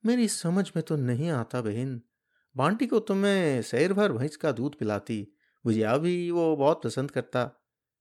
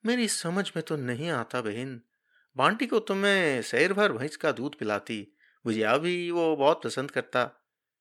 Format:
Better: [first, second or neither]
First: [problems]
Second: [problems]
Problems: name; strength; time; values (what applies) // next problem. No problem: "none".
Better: first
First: none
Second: thin; very slightly; fading below 650 Hz